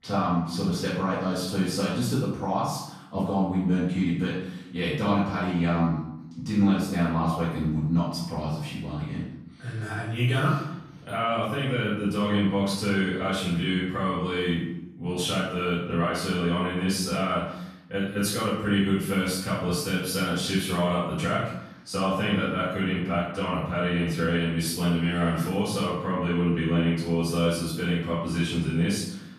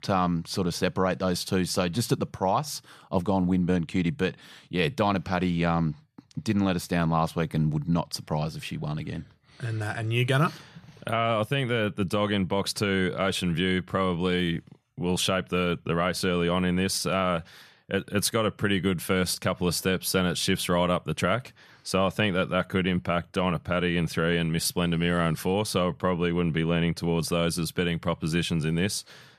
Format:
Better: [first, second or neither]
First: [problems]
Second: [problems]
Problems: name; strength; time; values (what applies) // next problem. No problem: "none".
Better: second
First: room echo; noticeable; dies away in 0.7 s // off-mic speech; far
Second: none